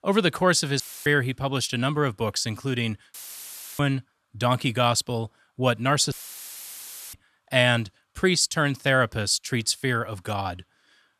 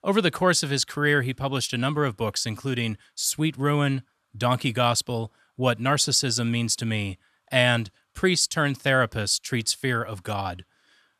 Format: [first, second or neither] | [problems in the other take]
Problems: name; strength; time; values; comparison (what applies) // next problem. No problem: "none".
second | audio cutting out; filled with static; at 1 s, at 3 s for 0.5 s and at 6 s for 1 s